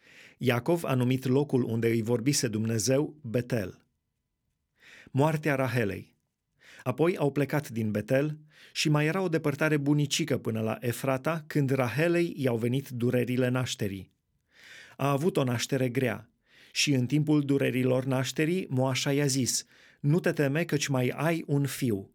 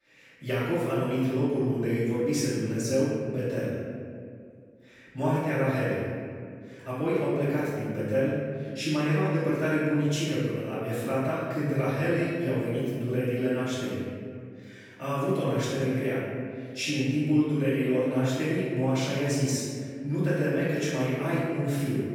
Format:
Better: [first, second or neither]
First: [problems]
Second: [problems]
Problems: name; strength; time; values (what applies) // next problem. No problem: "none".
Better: first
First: none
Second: off-mic speech; far // room echo; strong; dies away in 2 s